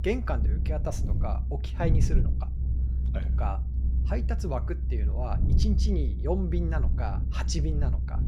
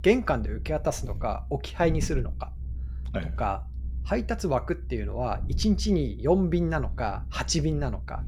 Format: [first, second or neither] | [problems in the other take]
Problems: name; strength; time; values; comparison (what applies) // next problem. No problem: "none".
second | low rumble; loud; throughout; 8 dB below the speech; faint in the second